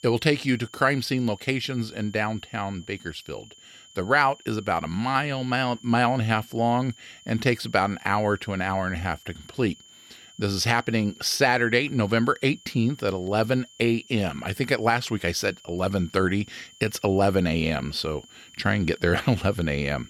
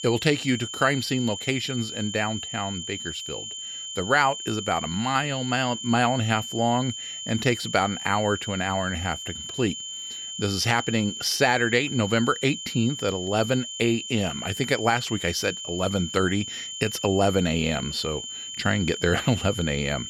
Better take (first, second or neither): first